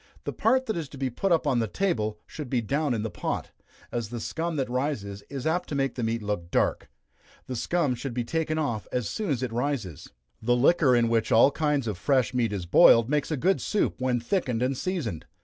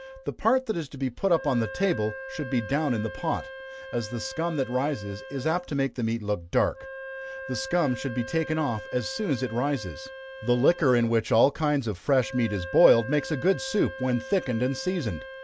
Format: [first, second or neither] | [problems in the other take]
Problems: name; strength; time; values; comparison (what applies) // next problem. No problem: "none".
first | background sound (Wind instrument, woodwind instrument); 14 dB below the speech